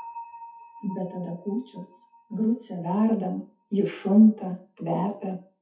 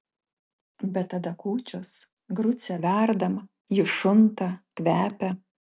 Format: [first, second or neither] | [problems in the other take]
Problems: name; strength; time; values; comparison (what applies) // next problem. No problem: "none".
second | noise reduction (classical method WPE with log-MMSE)